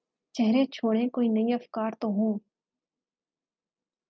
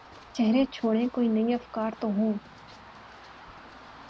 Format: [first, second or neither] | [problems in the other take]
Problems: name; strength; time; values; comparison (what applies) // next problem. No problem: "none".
first | background sound (Run); 20 dB below the speech